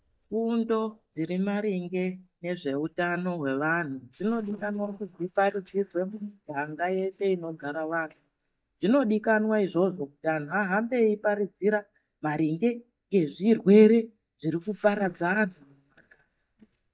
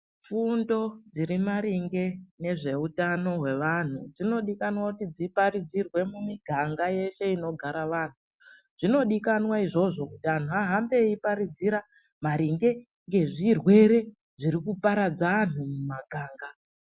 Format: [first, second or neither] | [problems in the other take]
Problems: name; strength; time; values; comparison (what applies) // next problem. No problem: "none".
second | noise reduction (neural mask model DeepFilterNet 3)